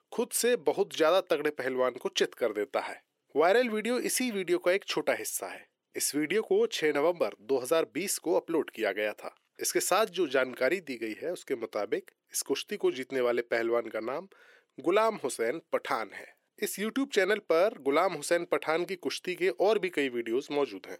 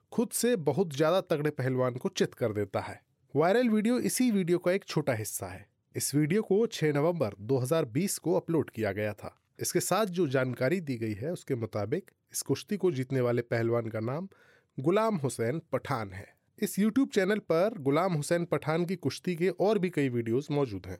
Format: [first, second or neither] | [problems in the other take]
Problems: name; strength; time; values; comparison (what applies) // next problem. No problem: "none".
second | thin; somewhat; fading below 350 Hz